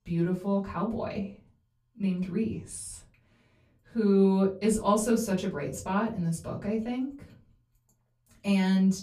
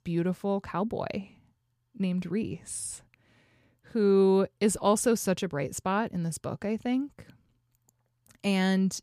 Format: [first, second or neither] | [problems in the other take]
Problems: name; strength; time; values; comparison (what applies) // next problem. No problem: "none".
second | off-mic speech; far // room echo; very slight; dies away in 0.3 s